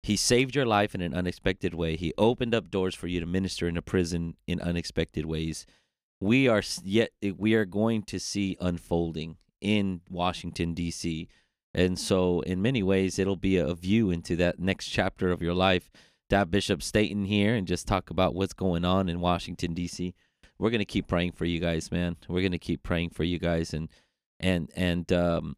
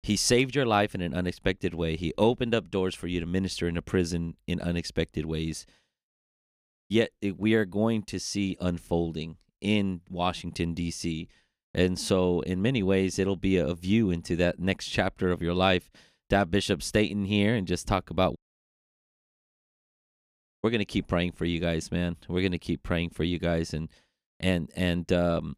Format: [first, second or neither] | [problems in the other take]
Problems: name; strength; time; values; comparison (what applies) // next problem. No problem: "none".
first | audio cutting out; at 6 s for 0.5 s and at 18 s for 2.5 s